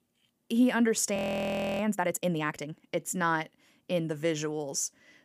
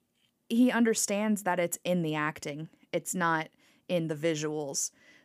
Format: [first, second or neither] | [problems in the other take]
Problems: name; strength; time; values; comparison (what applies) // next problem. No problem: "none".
second | audio freezing; at 1 s for 0.5 s